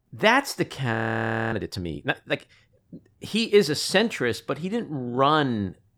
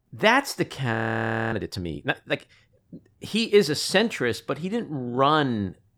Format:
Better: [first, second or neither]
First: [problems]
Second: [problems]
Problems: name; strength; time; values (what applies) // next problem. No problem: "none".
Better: neither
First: audio freezing; at 1 s for 0.5 s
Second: audio freezing; at 1 s for 0.5 s